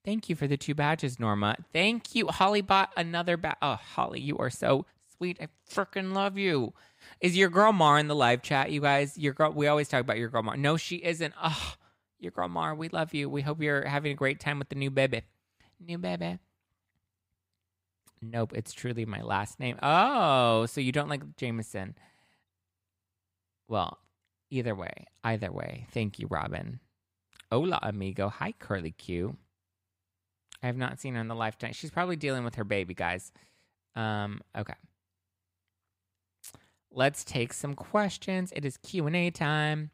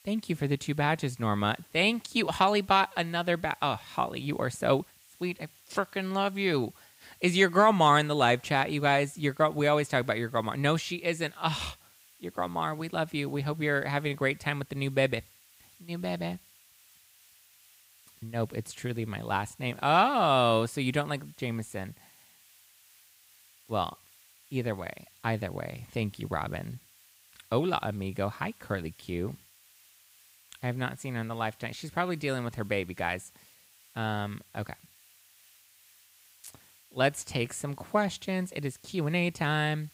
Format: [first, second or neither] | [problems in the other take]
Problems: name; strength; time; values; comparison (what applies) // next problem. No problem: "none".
first | hiss; faint; throughout; 25 dB below the speech